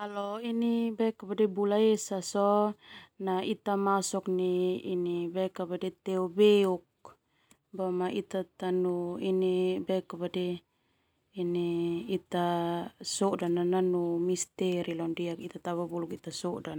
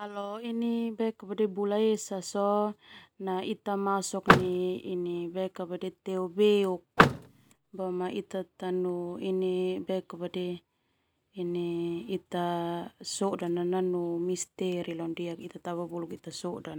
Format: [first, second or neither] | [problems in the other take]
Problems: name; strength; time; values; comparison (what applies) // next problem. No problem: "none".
first | background sound (Vehicle); 4 dB above the speech